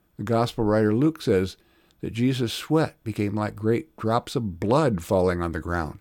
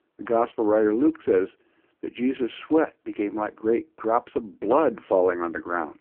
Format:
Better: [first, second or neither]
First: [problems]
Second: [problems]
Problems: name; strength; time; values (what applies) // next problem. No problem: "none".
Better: first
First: none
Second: phone-call audio; poor line